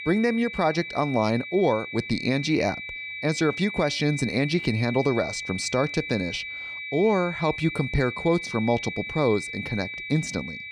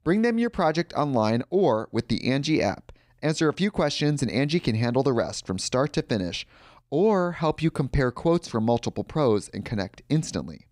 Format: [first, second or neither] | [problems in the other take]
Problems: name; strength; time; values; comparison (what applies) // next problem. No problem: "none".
second | high-pitched whine; loud; throughout; 2.5 kHz, 7 dB below the speech